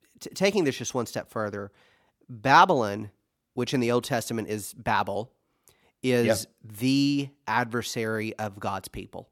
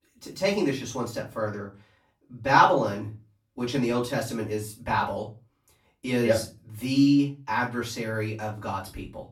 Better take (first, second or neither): first